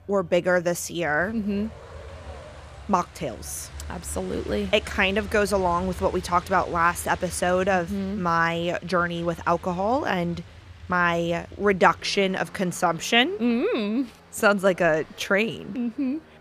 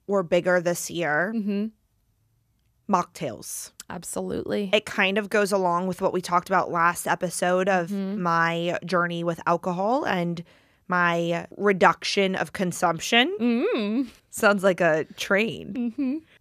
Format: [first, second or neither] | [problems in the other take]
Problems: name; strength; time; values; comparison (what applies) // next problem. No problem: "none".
second | traffic noise; noticeable; throughout; 20 dB below the speech